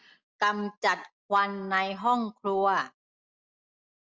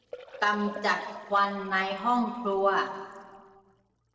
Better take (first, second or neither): first